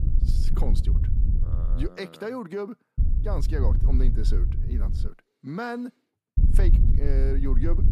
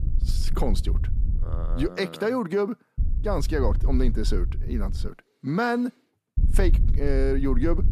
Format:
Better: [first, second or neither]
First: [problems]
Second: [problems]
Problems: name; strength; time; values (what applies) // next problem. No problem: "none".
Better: second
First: wind noise on the microphone; heavy; until 2 s, from 3 to 5 s and from 6.5 s on; 7 dB below the speech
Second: wind noise on the microphone; occasional gusts; until 2 s, from 3 to 5 s and from 6.5 s on; 15 dB below the speech